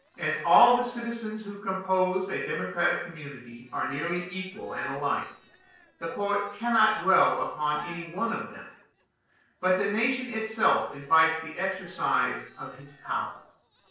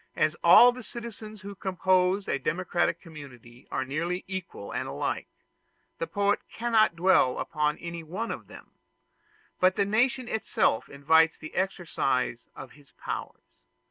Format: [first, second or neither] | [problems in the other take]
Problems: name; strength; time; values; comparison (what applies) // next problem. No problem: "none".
second | noise reduction (neural separator model SepFormer DNS4)